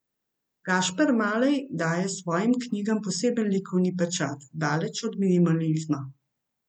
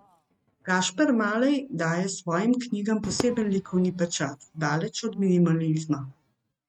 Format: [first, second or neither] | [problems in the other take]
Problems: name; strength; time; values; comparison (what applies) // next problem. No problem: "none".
first | noise reduction (neural mask model RNNoise)